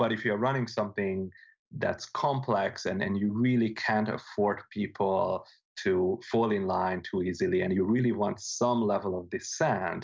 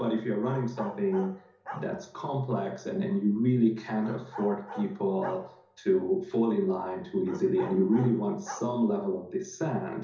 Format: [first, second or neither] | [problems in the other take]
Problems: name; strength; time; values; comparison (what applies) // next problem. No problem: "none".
first | background sound (Bark); 17 dB below the speech // room echo; dies away in 0.6 s